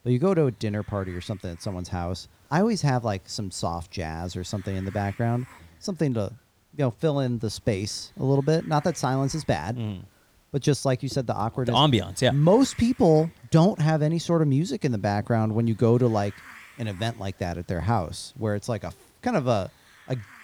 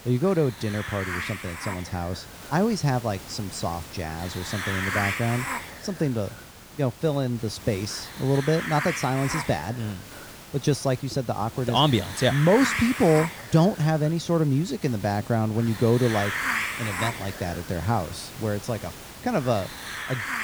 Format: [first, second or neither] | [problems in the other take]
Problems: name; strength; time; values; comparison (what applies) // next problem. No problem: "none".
first | hiss; loud; throughout; 7 dB below the speech; faint in the first